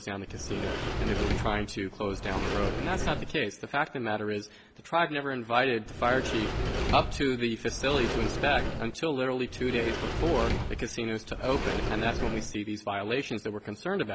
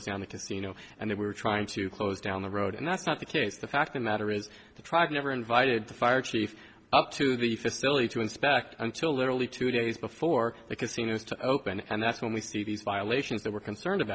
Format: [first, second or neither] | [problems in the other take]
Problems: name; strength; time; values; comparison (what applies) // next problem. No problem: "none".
second | background sound (Sliding door); 1 dB below the speech